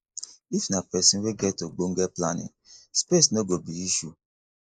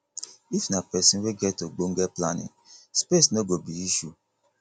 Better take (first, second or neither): second